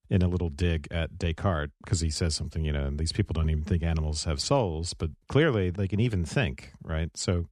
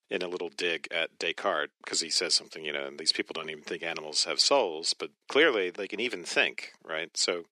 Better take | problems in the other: first | thin; very; fading below 350 Hz

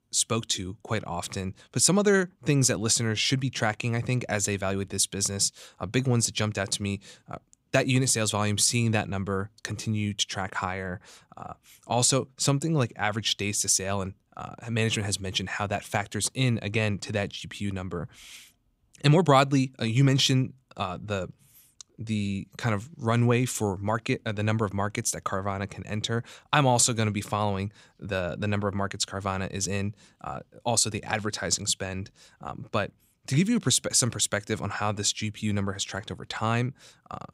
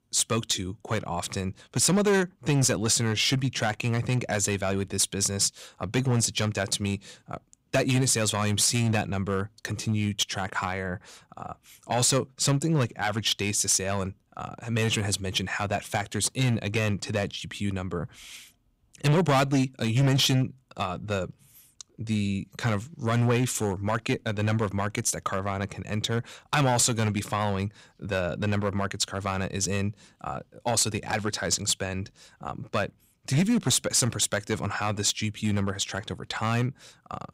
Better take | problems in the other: first | distortion; slight; 4% of the sound clipped

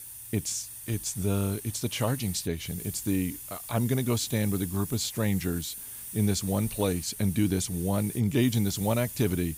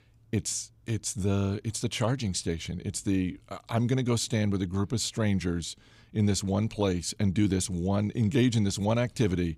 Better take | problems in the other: second | hiss; loud; throughout; 9 dB below the speech

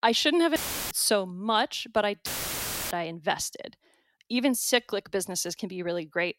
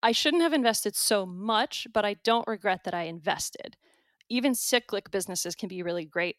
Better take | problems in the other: second | audio cutting out; filled with static; at 0.5 s and at 2.5 s for 0.5 s

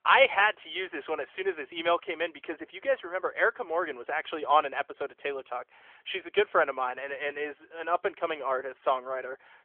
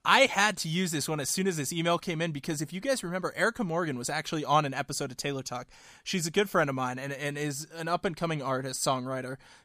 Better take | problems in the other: second | phone-call audio; nothing above 3.5 kHz

